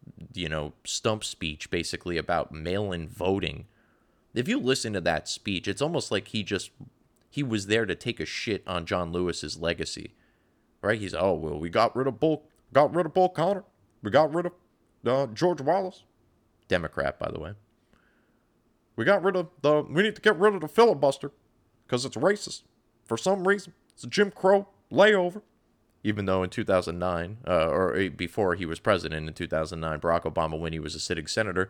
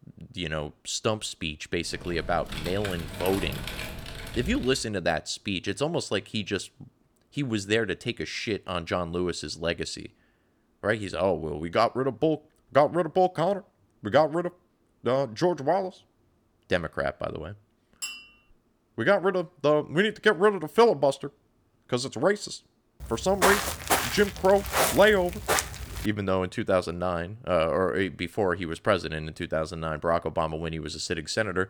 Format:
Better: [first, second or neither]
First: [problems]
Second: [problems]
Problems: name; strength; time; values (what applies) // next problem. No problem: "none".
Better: first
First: none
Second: keyboard typing; noticeable; from 2 to 5 s; peak 7 dB below the speech // clattering dishes; noticeable; at 18 s; peak 9 dB below the speech // footsteps; loud; from 23 to 26 s; peak 3 dB above the speech